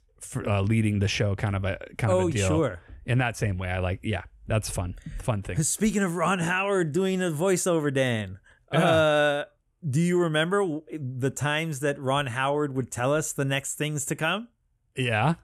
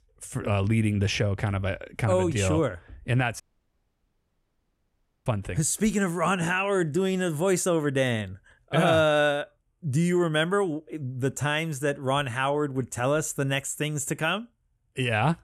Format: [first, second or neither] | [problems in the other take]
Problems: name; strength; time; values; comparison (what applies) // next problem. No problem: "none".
first | audio cutting out; at 3.5 s for 2 s